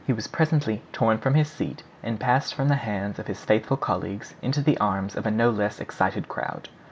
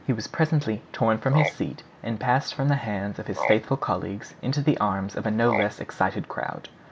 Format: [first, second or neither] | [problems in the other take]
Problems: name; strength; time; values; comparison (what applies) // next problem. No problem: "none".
first | background sound (Frog); 10 dB below the speech